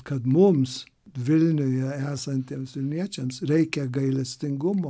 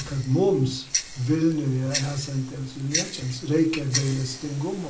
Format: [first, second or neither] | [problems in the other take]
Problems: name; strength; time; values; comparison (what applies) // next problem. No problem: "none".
first | background sound (Tick-tock); 9 dB below the speech // room echo; dies away in 0.3 s